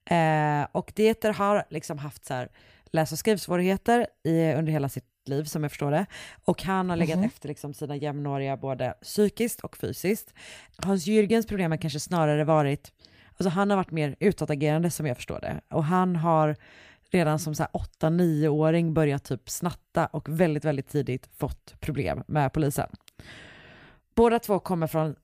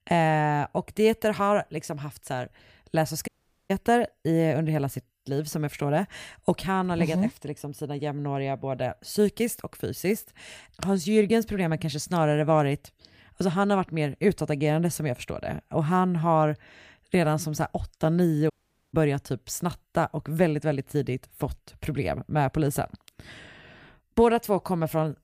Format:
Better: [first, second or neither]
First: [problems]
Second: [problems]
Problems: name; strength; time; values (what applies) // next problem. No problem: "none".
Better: first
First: none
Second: audio cutting out; at 3.5 s and at 19 s